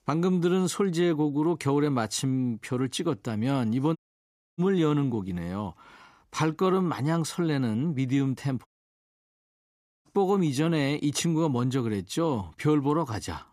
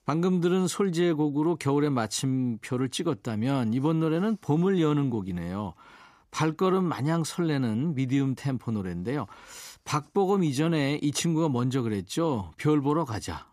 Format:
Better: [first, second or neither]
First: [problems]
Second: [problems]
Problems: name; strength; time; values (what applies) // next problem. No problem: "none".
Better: second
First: audio cutting out; at 4 s for 0.5 s and at 8.5 s for 1.5 s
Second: none